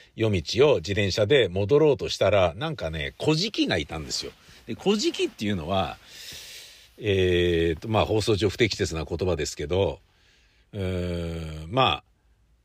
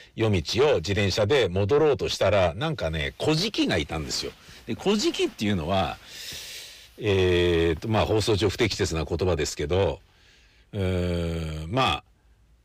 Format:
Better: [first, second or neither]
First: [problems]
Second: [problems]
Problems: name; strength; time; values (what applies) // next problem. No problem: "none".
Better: first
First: none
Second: distortion; slight; 10 dB below the speech